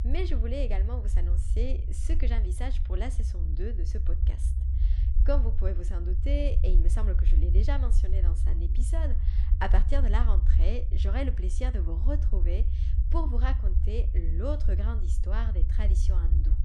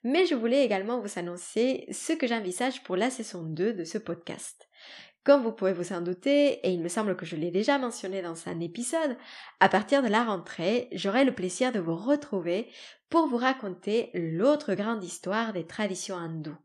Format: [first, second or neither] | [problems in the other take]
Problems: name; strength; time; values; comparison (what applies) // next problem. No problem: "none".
second | low rumble; loud; throughout; 9 dB below the speech